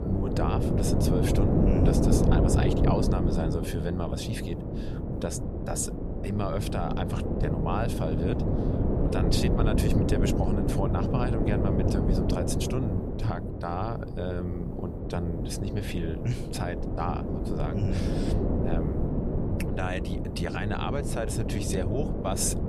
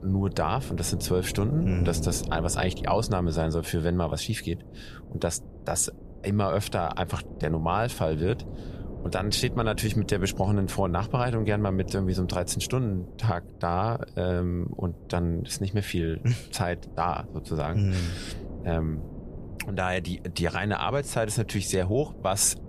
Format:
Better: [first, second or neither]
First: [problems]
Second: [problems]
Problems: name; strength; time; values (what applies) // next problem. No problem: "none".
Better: second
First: wind noise on the microphone; heavy; as loud as the speech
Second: wind noise on the microphone; occasional gusts; 15 dB below the speech